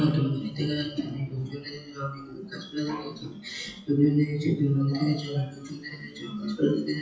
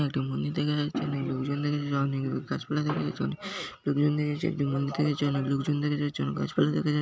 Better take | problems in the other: second | noise reduction (classical method WPE with log-MMSE)

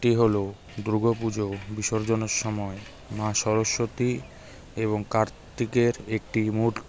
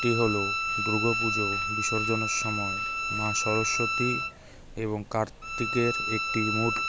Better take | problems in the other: first | background sound (Bowed string instrument); as loud as the speech

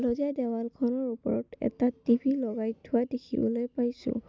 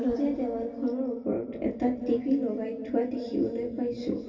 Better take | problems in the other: first | room echo; dies away in 2.5 s

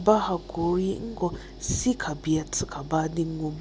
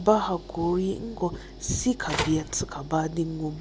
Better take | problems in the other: first | background sound (Telephone); 7 dB below the speech

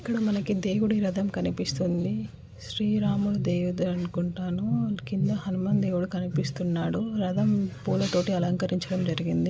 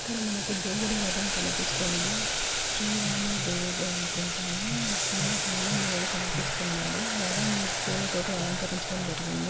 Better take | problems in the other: first | background sound (Boiling); 3 dB above the speech

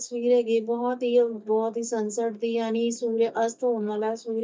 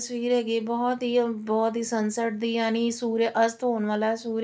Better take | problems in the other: second | noise reduction (neural mask model DeepFilterNet 3)

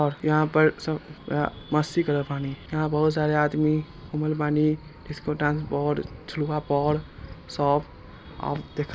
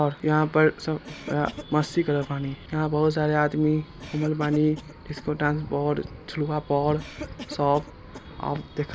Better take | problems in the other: first | background sound (Cough); 20 dB below the speech

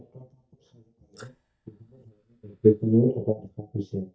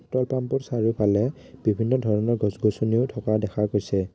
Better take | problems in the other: second | noise reduction (neural mask model DeepFilterNet 3)

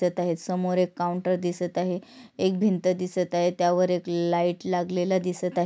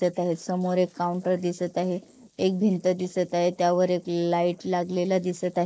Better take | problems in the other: first | noise reduction (neural mask model Resemble Enhance denoiser)

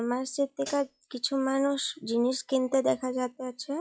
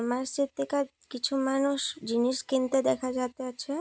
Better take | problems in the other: second | noise reduction (classical method log-MMSE)

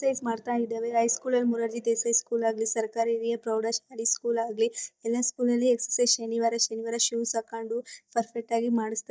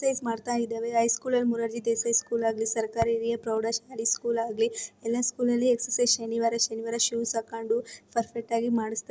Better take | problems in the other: second | noise reduction (neural mask model DeepFilterNet 3)

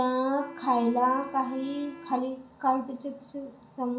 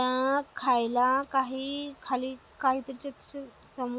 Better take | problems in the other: second | background sound (Wind instrument, woodwind instrument); 18 dB below the speech // room echo; dies away in 0.6 s

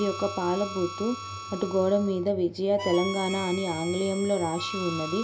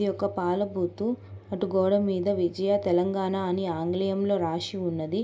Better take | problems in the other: second | background sound (Harmonica); 10 dB below the speech

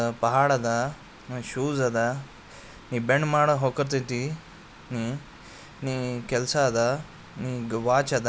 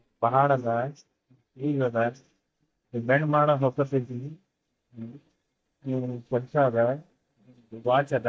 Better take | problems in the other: first | noise reduction (neural mask model DeepFilterNet 3)

